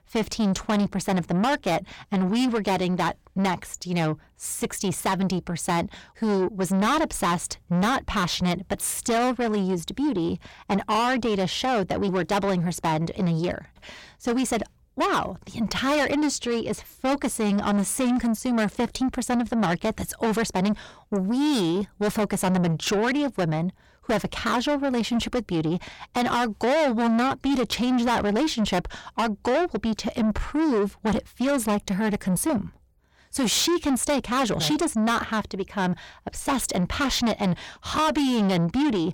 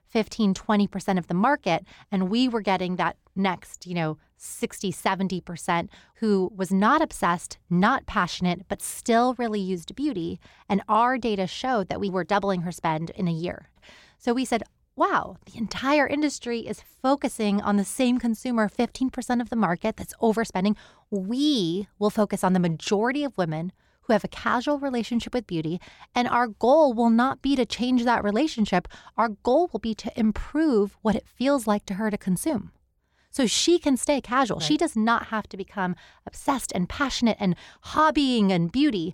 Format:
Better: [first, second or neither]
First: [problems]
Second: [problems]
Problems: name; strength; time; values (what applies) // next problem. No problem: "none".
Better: second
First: distortion; heavy; 7 dB below the speech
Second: none